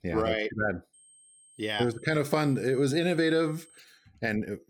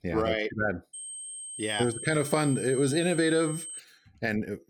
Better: first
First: high-pitched whine; faint; from 1 to 4 s; 8.5 kHz, 25 dB below the speech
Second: high-pitched whine; loud; from 1 to 4 s; 8.5 kHz, 9 dB below the speech

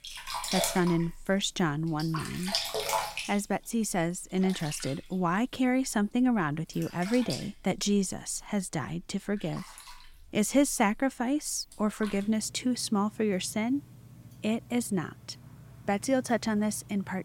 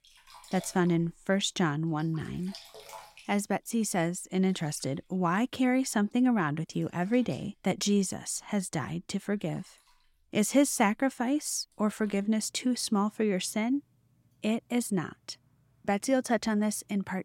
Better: second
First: household noises; loud; throughout; 6 dB below the speech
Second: household noises; faint; throughout; 25 dB below the speech

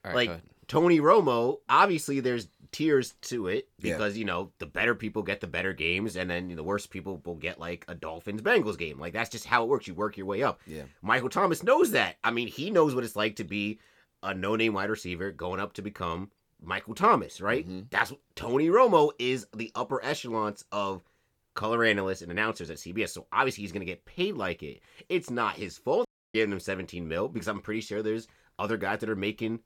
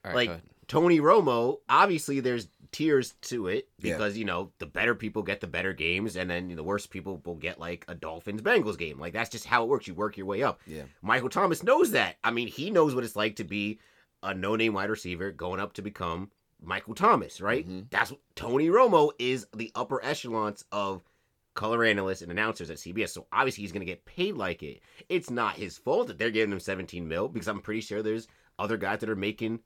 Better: second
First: audio cutting out; at 26 s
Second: none

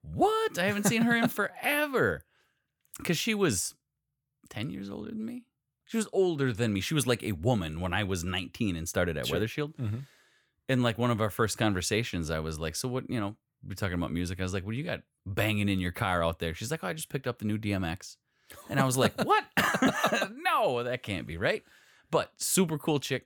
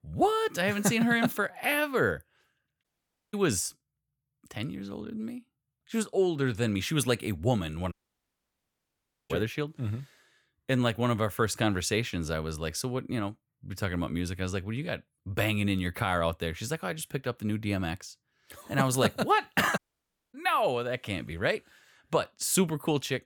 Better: first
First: none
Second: audio cutting out; at 3 s, at 8 s for 1.5 s and at 20 s for 0.5 s

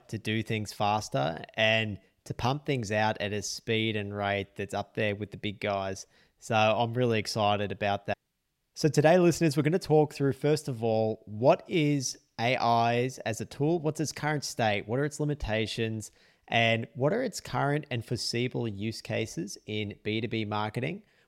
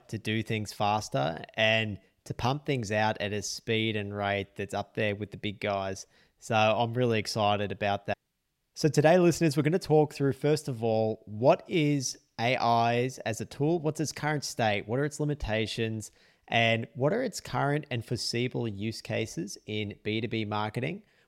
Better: neither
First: none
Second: none

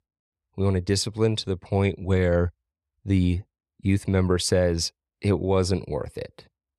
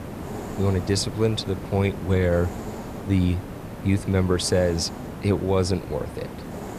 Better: first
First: none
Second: hiss; noticeable; throughout; 10 dB below the speech

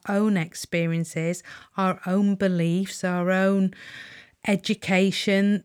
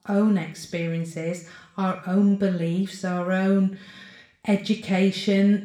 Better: first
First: none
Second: room echo; slight; dies away in 0.5 s // off-mic speech; somewhat distant

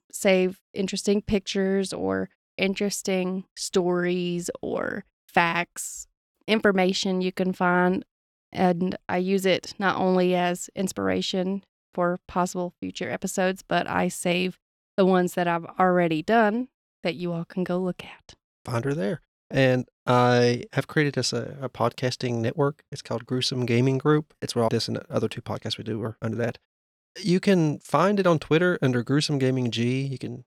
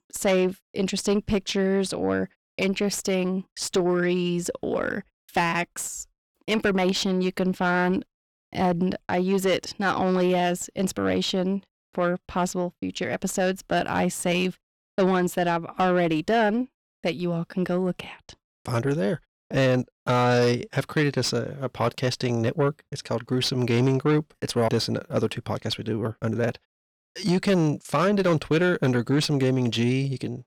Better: first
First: none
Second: distortion; slight; 10 dB below the speech

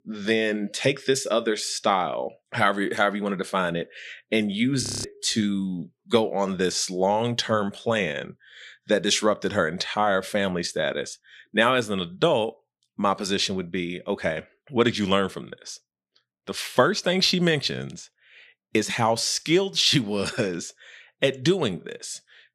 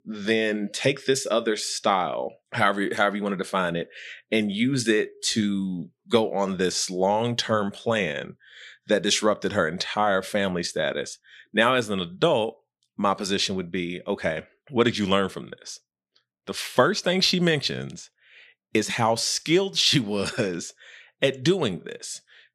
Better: second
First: audio freezing; at 5 s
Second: none

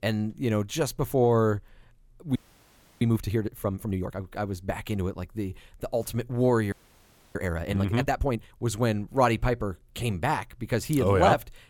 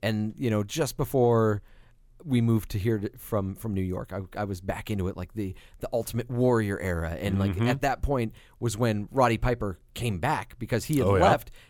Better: second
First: audio freezing; at 2.5 s for 0.5 s and at 6.5 s for 0.5 s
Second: none

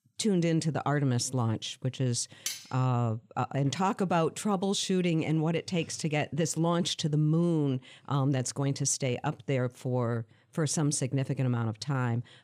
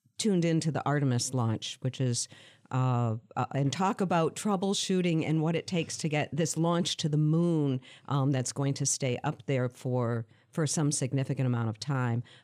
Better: second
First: clattering dishes; noticeable; at 2.5 s; peak 6 dB below the speech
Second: none

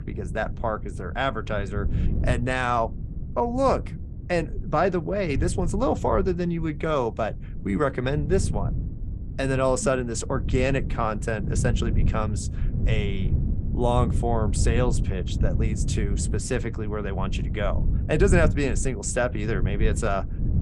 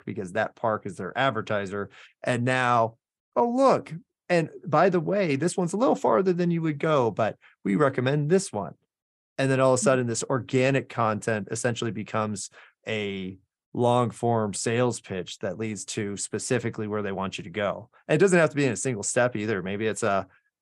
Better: second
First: wind noise on the microphone; occasional gusts; 15 dB below the speech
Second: none

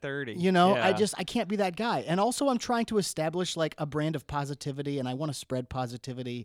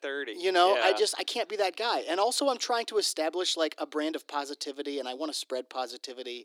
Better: first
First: none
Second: thin; somewhat; fading below 300 Hz

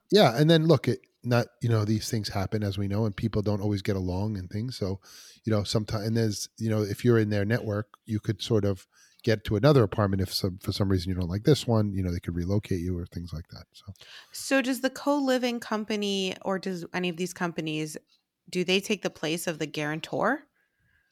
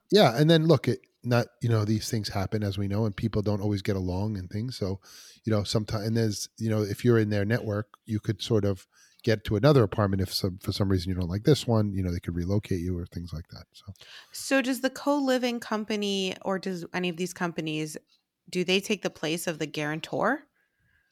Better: neither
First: none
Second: none

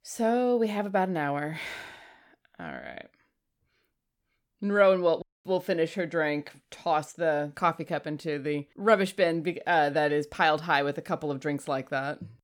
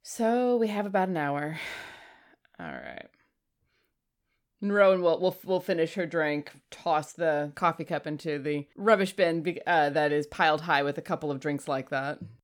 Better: second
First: audio cutting out; at 5 s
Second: none

